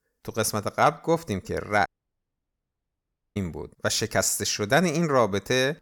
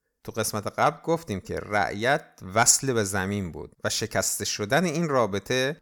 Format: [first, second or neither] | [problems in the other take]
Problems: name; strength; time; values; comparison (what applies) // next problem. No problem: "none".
second | audio cutting out; at 2 s for 1.5 s